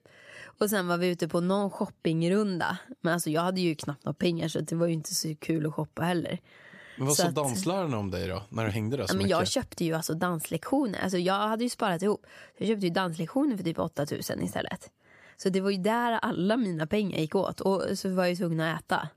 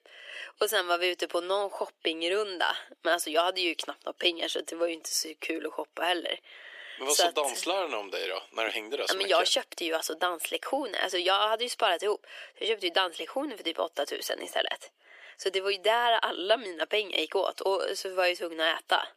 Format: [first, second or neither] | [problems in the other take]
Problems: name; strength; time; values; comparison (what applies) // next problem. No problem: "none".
first | thin; very; fading below 350 Hz